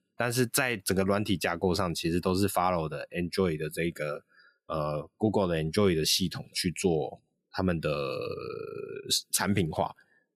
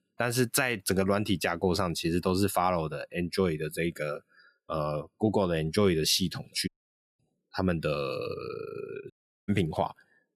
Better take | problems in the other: first | audio cutting out; at 6.5 s for 0.5 s and at 9 s

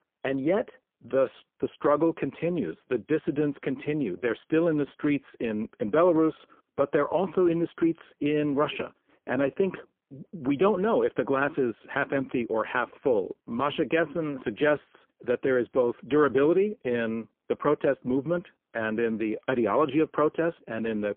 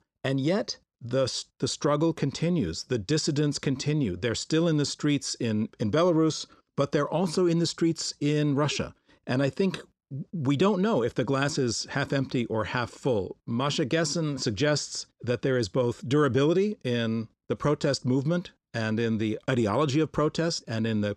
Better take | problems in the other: second | phone-call audio; poor line; nothing above 3.5 kHz

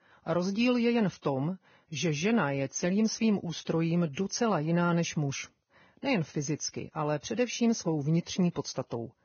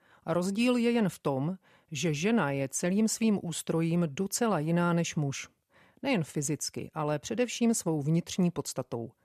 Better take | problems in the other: second | garbled, watery; badly; nothing above 6.5 kHz

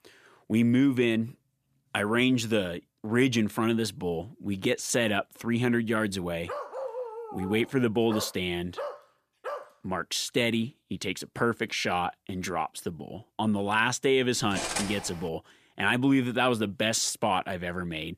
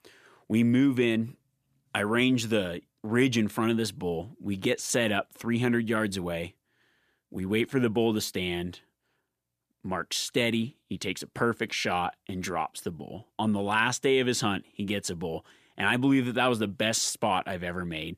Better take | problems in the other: second | dog barking; noticeable; from 6.5 to 9.5 s; peak 8 dB below the speech // clattering dishes; noticeable; at 15 s; peak 3 dB below the speech

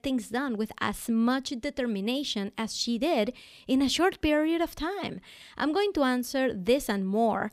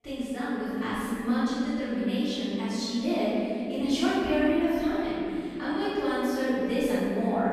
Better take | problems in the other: first | off-mic speech; far // room echo; strong; dies away in 3 s

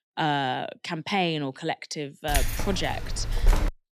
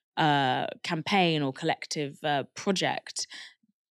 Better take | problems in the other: second | jangling keys; loud; from 2.5 s on; peak 3 dB above the speech

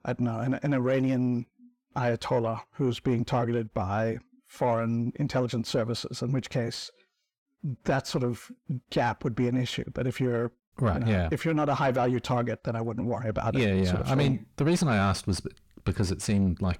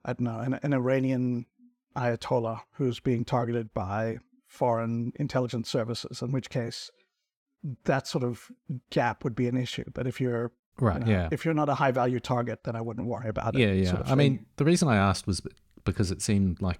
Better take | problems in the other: second | distortion; slight; 10 dB below the speech

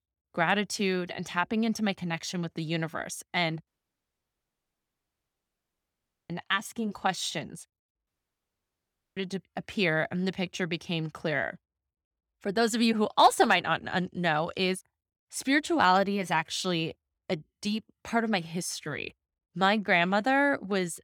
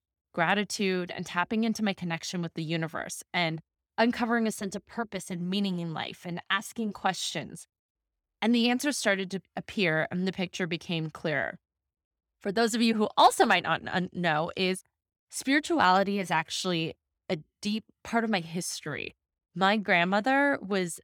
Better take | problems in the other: second | audio cutting out; at 3.5 s for 2.5 s and at 8 s for 1 s

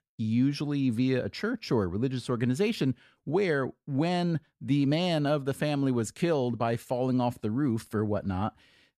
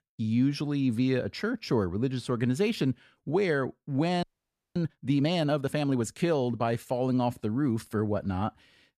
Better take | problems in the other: first | audio freezing; at 4 s for 0.5 s

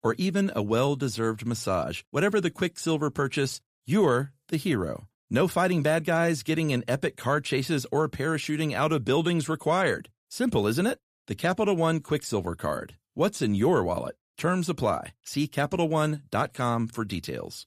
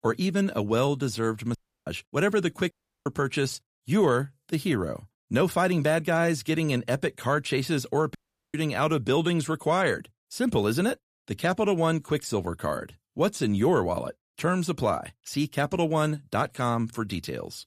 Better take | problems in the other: first | audio cutting out; at 1.5 s, at 2.5 s and at 8 s

